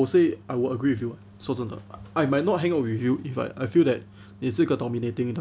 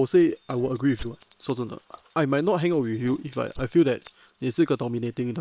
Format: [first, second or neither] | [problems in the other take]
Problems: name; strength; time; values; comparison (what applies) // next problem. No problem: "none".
first | noise reduction (neural separator model SepFormer WHAM!)